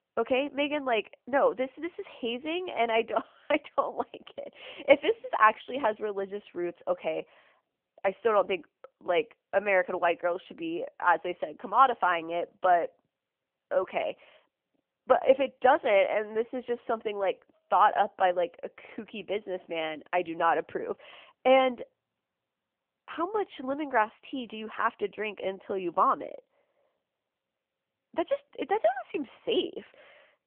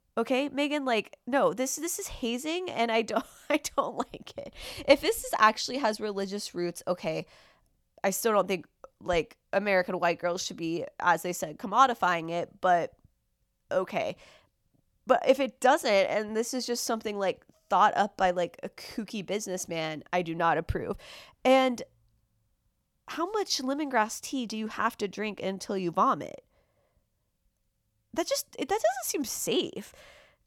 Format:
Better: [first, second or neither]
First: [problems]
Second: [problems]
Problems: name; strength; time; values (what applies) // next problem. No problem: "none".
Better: second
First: phone-call audio; nothing above 3 kHz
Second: none